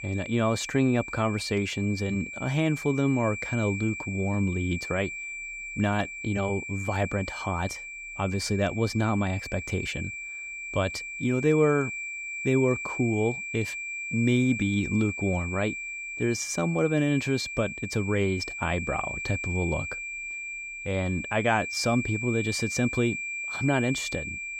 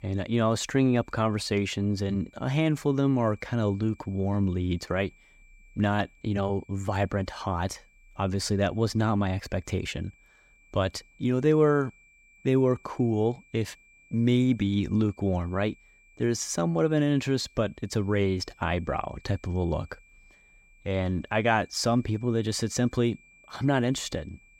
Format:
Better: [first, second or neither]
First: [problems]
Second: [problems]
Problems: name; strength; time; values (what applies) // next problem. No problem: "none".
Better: second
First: high-pitched whine; loud; throughout; 2.5 kHz, 6 dB below the speech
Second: high-pitched whine; faint; throughout; 2.5 kHz, 30 dB below the speech